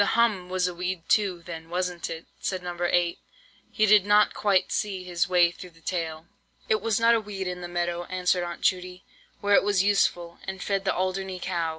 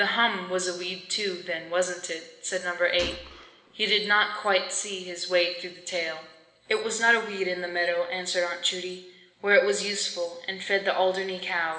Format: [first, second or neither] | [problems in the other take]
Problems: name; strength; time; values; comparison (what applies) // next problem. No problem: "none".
first | background sound (Gunshot, gunfire); 15 dB below the speech // room echo; dies away in 1.1 s